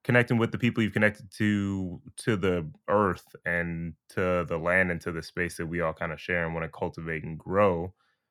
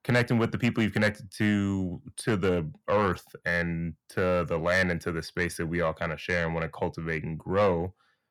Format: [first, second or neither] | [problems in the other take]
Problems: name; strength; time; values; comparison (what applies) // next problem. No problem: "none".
first | distortion; slight; 10 dB below the speech